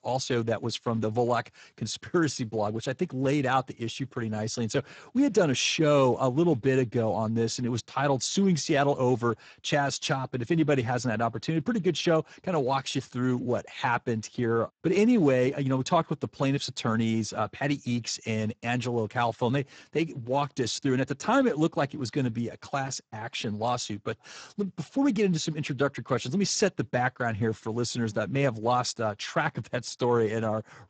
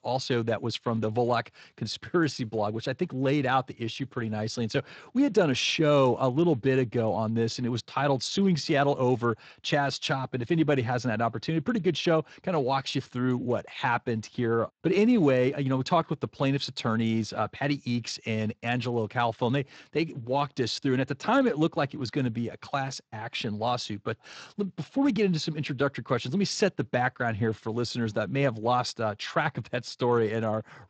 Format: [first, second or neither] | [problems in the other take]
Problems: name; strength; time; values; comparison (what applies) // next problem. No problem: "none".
second | garbled, watery; badly; nothing above 7.5 kHz; slightly in the second